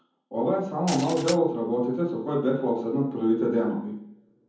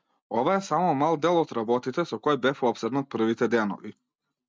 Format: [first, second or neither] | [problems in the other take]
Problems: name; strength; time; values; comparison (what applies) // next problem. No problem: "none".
second | background sound (Glass); 12 dB below the speech // room echo; dies away in 0.7 s